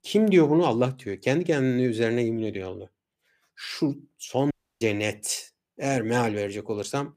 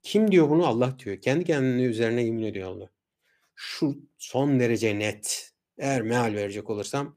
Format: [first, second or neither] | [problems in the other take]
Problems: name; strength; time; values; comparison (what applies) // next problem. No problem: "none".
second | audio cutting out; at 4.5 s